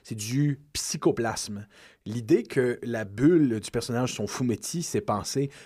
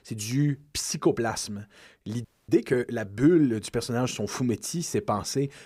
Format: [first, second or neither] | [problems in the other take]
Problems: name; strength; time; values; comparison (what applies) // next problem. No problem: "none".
first | audio freezing; at 2.5 s